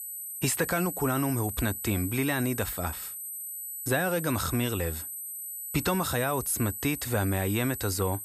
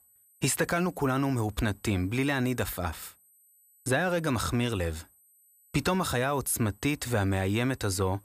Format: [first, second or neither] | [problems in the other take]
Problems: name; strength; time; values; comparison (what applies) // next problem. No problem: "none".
second | high-pitched whine; loud; throughout; 12 kHz, 6 dB below the speech; faint in the second